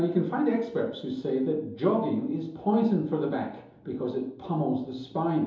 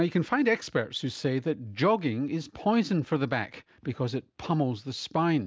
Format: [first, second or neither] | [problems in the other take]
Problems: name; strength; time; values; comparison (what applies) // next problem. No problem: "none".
second | room echo; dies away in 2.8 s